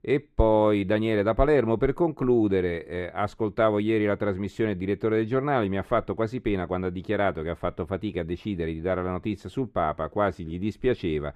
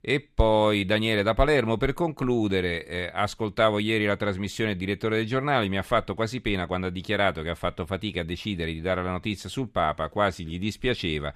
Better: second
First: muffled; slightly; fading above 2 kHz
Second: none

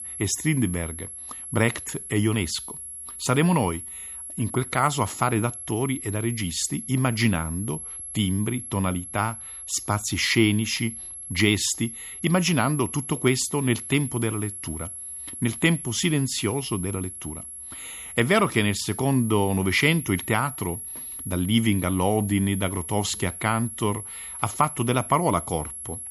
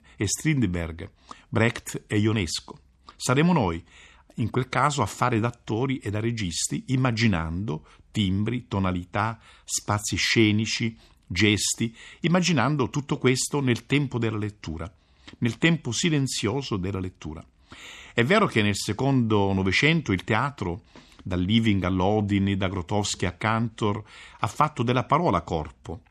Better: second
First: high-pitched whine; loud; throughout; 11 kHz, 9 dB below the speech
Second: none

